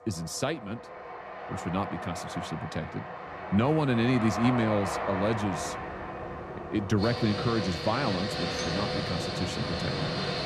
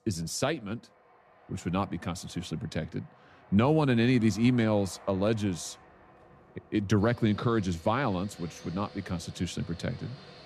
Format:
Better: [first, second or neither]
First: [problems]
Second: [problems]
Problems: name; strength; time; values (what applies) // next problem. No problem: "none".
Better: second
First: train or aircraft noise; loud; throughout; 4 dB below the speech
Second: train or aircraft noise; faint; throughout; 25 dB below the speech